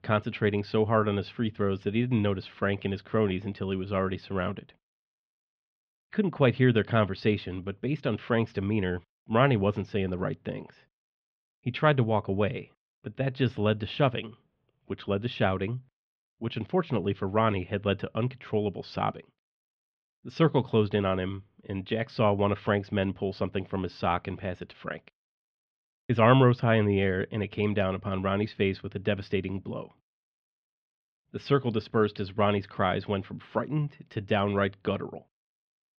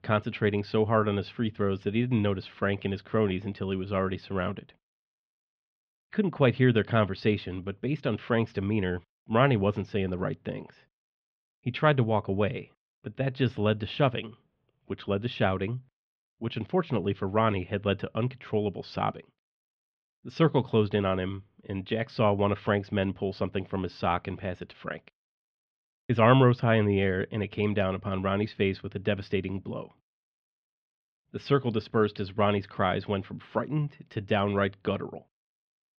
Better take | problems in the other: neither | muffled; slightly; fading above 3.5 kHz; the same in both

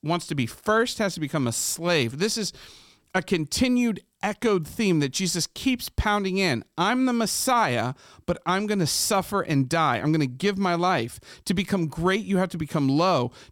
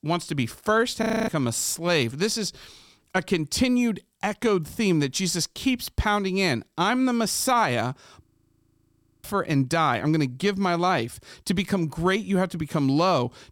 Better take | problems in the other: first | audio freezing; at 1 s and at 8.5 s for 1 s

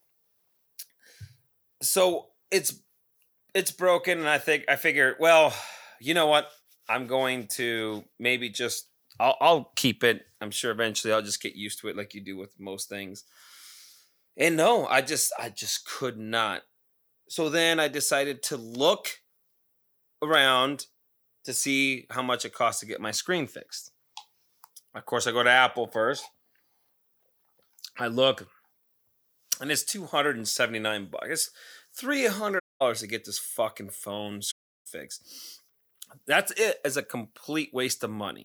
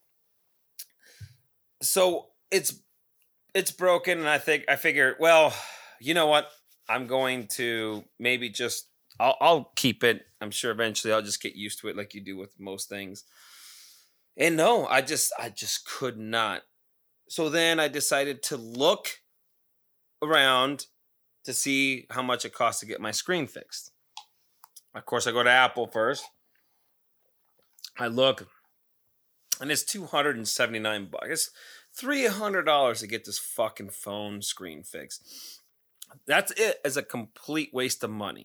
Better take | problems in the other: second | audio cutting out; at 33 s and at 35 s

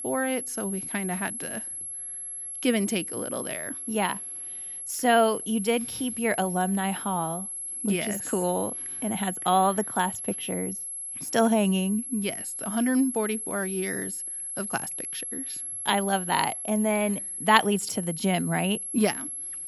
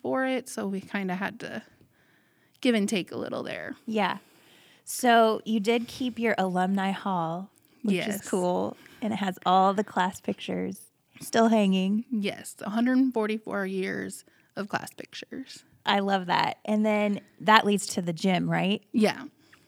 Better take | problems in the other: second | high-pitched whine; loud; throughout; 11 kHz, 5 dB below the speech

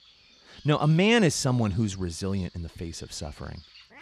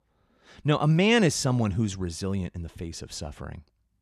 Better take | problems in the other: second | animal sounds; faint; throughout; 25 dB below the speech

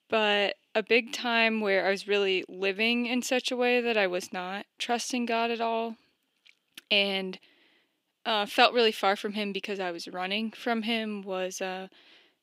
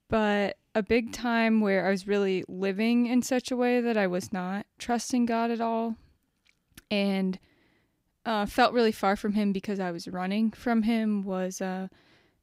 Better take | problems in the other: second | thin; very slightly; fading below 350 Hz

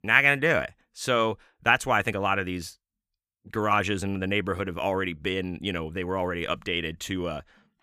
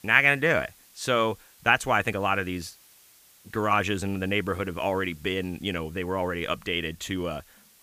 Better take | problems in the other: first | hiss; faint; throughout; 25 dB below the speech

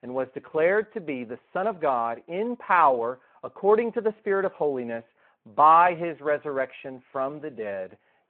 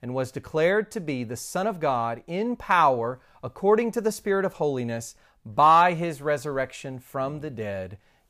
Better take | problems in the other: second | phone-call audio

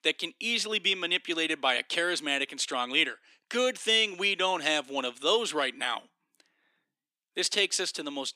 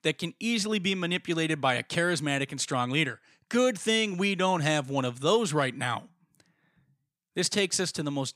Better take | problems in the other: second | thin; somewhat; fading below 300 Hz

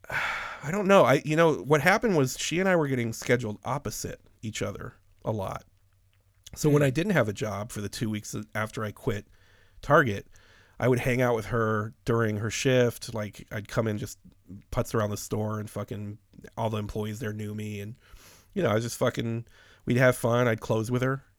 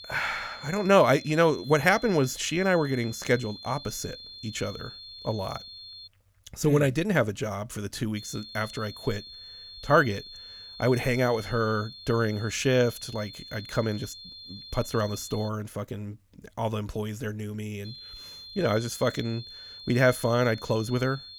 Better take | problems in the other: first | high-pitched whine; noticeable; until 6 s, from 8 to 15 s and from 18 s on; 4.5 kHz, 15 dB below the speech

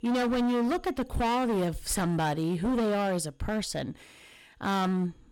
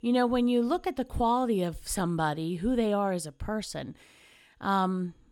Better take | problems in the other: second | distortion; heavy; 22% of the sound clipped

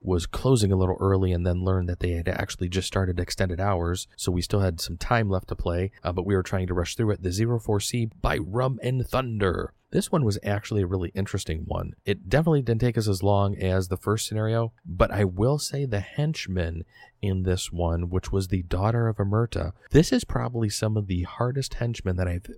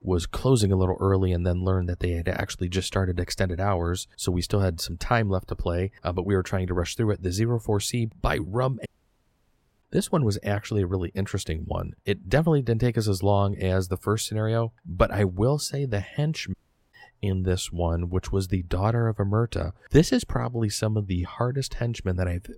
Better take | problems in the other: first | audio cutting out; at 9 s for 1 s and at 17 s

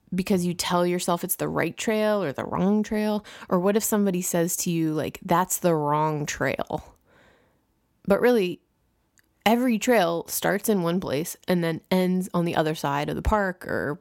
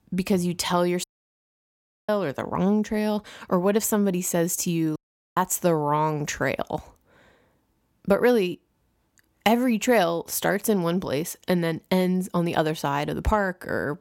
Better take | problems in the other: first | audio cutting out; at 1 s for 1 s and at 5 s

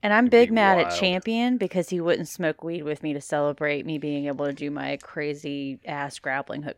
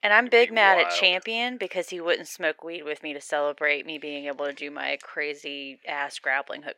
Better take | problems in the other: first | thin; somewhat; fading below 500 Hz

